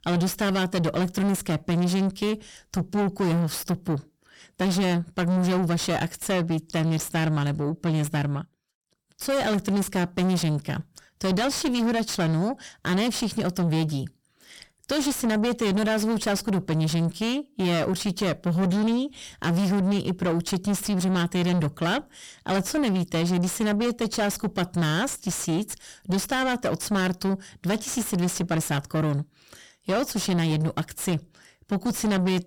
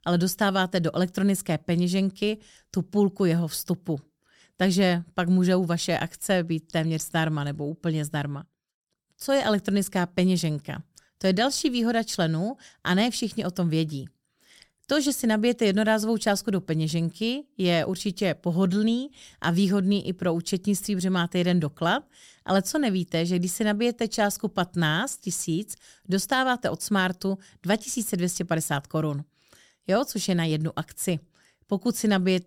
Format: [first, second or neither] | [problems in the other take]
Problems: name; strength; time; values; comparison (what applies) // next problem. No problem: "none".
second | distortion; heavy; 7 dB below the speech